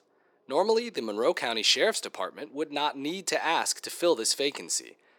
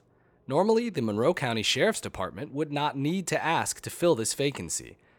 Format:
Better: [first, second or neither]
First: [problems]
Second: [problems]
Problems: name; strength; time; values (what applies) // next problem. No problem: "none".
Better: second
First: thin; somewhat; fading below 300 Hz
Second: none